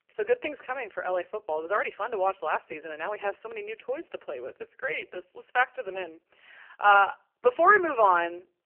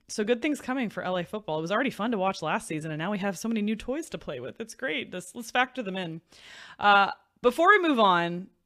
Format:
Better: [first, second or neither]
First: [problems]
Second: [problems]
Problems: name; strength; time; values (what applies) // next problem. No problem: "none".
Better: second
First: phone-call audio; poor line; nothing above 3 kHz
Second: none